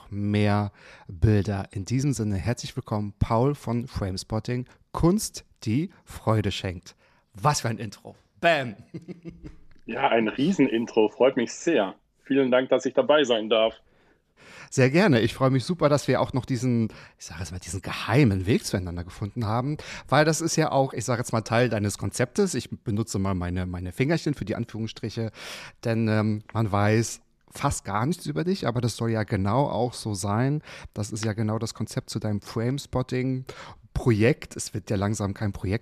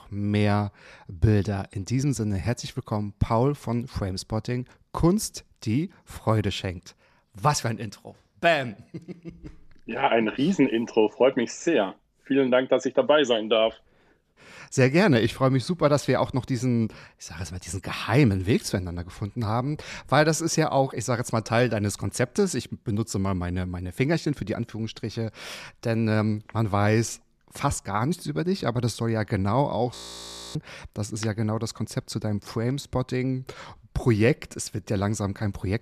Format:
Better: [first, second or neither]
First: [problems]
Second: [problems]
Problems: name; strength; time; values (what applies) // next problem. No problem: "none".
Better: first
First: none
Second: audio freezing; at 30 s for 0.5 s